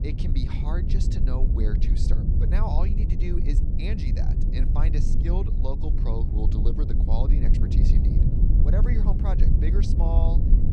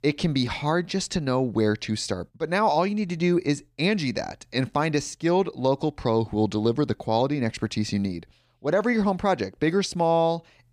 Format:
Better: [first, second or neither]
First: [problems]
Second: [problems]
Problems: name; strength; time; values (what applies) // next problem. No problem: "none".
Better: second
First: low rumble; loud; throughout; 1 dB below the speech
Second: none